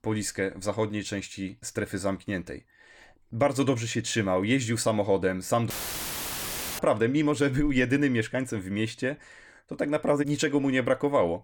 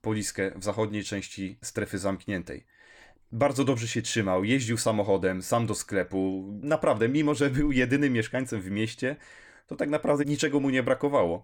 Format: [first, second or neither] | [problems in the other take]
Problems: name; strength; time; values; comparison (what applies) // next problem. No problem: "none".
second | audio cutting out; filled with static; at 5.5 s for 1 s